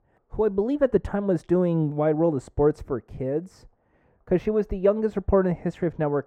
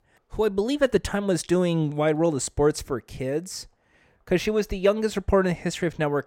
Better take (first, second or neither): second